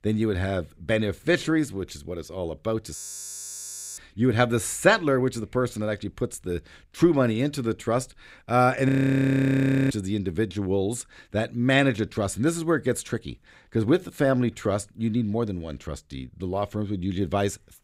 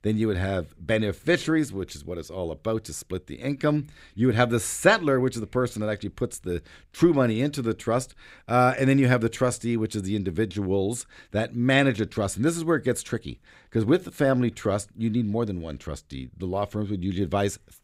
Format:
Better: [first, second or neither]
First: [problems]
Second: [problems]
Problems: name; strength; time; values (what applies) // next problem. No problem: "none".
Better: second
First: audio freezing; at 3 s for 1 s and at 9 s for 1 s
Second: none